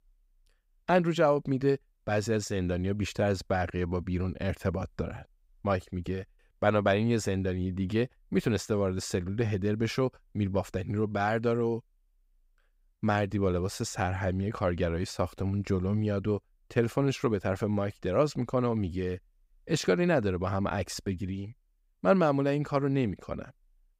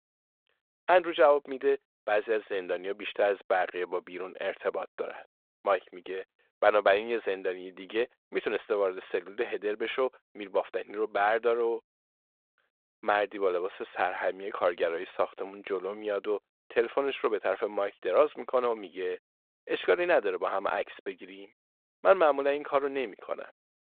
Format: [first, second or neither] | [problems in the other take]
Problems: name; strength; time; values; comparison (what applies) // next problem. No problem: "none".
first | phone-call audio; nothing above 3.5 kHz